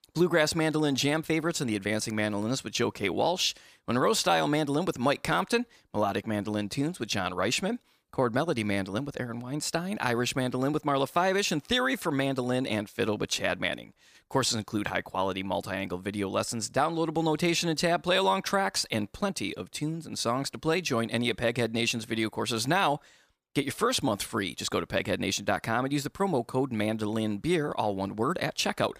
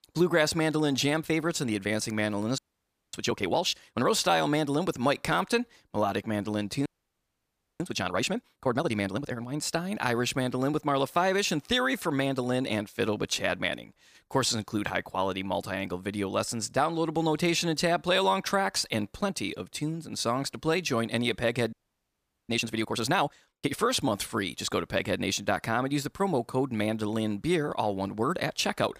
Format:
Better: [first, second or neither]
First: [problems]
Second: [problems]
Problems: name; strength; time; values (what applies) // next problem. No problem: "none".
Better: first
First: none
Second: audio freezing; at 2.5 s for 0.5 s, at 7 s for 1 s and at 22 s for 1 s